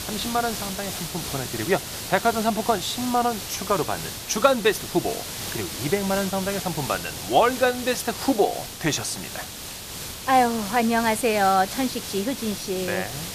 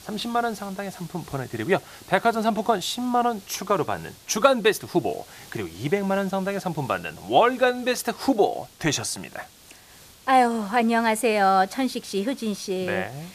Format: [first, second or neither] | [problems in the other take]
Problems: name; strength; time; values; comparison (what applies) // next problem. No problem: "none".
second | hiss; loud; throughout; 7 dB below the speech; faint in the second